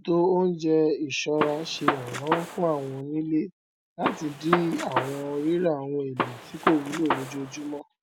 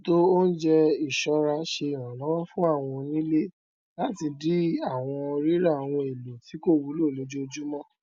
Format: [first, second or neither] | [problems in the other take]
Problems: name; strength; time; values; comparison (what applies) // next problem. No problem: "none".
second | background sound (Gunshot, gunfire); 4 dB below the speech